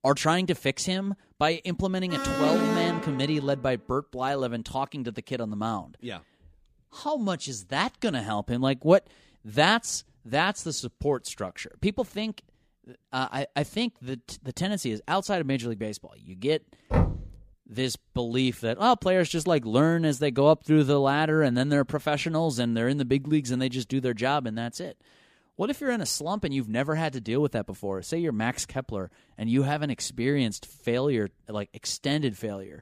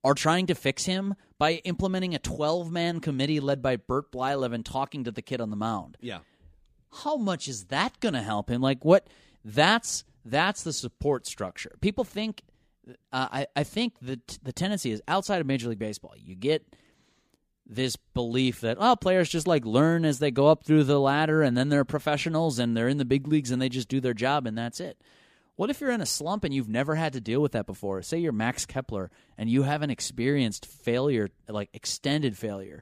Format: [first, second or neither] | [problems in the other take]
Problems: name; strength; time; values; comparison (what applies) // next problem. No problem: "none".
second | alarm; loud; from 2 to 3.5 s; peak 2 dB above the speech // door banging; loud; at 17 s; peak 1 dB above the speech